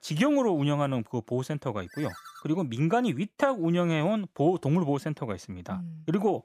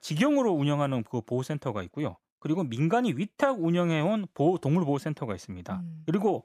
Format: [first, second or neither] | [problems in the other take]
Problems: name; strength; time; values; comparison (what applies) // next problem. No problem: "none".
second | phone ringing; faint; at 2 s; peak 15 dB below the speech